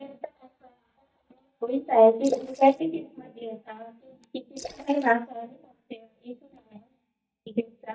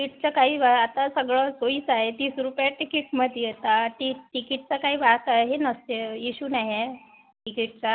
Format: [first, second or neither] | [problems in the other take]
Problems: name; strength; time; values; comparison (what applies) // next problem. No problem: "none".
second | noise reduction (neural mask model DeepFilterNet 3)